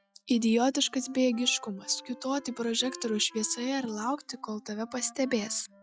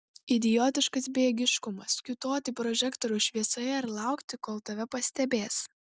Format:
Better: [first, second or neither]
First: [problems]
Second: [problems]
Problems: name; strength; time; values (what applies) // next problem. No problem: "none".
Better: second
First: noise reduction (classical method log-MMSE)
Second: none